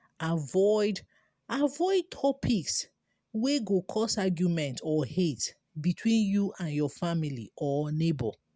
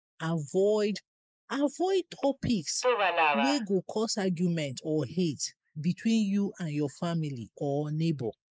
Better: first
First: none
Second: noise reduction (neural mask model Resemble Enhance denoiser)

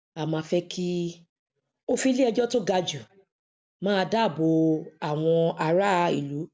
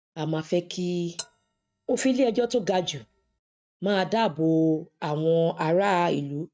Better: first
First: none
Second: noise reduction (neural mask model RNNoise)

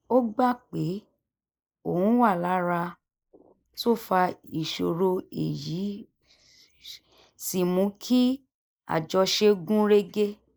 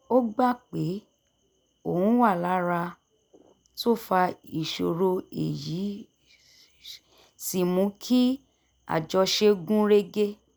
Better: second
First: noise reduction (neural mask model Resemble Enhance denoiser)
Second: none

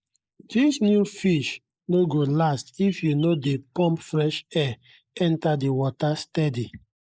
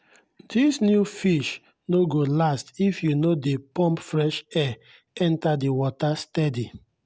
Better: second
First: noise reduction (neural mask model Resemble Enhance denoiser)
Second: none

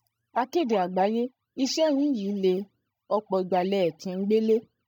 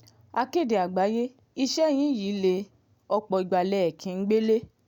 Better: second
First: noise reduction (neural mask model DeepFilterNet 3)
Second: none

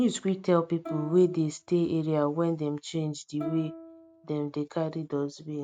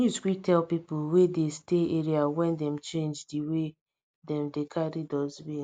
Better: second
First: noise reduction (neural mask model RNNoise)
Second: none

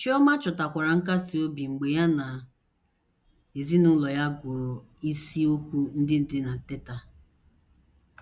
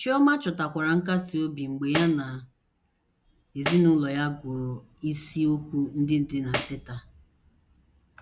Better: first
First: none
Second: background sound (Tambourine); 11 dB below the speech

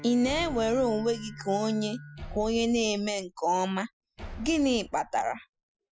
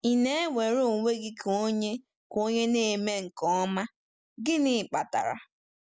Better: second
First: noise reduction (classical method Wiener filter)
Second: none

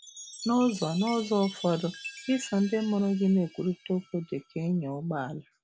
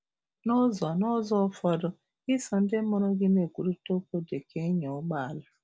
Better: second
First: background sound (Chime); 17 dB below the speech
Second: none

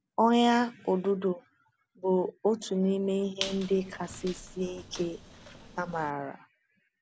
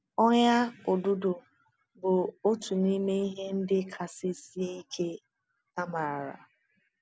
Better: second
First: background sound (Squeak); 14 dB below the speech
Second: none

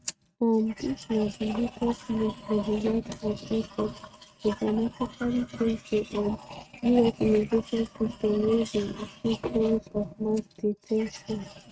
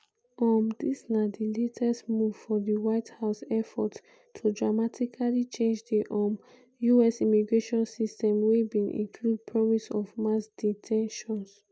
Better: second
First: noise reduction (neural mask model RNNoise)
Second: none

